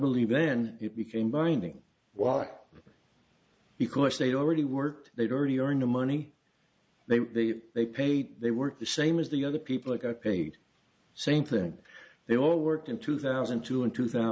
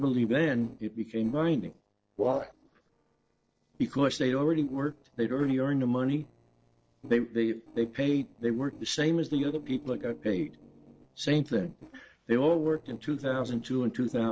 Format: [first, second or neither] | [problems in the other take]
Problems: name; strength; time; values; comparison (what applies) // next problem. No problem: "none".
first | noise reduction (neural separator model SepFormer DNS4)